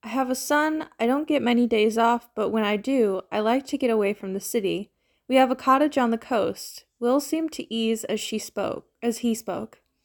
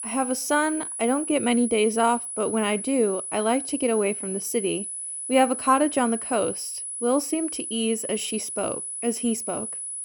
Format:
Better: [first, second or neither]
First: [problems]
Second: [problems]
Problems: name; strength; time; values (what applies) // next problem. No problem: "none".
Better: first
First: none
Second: high-pitched whine; loud; throughout; 10 kHz, 5 dB below the speech